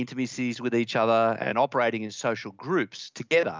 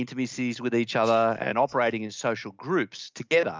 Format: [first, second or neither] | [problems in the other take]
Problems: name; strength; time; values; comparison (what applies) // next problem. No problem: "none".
first | noise reduction (neural mask model DeepFilterNet 3)